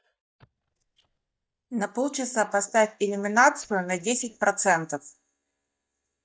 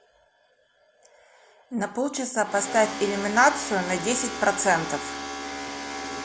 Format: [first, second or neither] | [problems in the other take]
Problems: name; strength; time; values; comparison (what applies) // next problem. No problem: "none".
second | noise reduction (neural mask model DeepFilterNet 3)